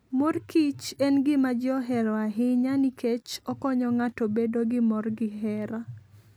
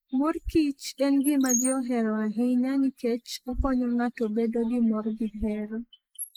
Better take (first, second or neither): first